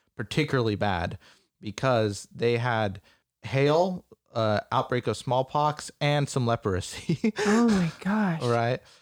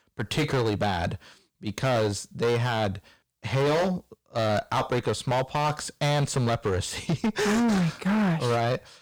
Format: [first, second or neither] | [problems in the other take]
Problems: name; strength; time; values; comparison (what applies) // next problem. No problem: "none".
first | distortion; heavy; 17% of the sound clipped